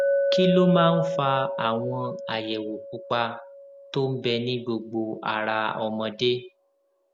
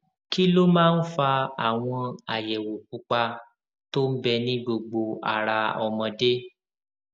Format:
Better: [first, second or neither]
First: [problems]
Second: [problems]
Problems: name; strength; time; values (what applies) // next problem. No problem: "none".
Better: second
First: background sound (Chink, clink); 4 dB below the speech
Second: none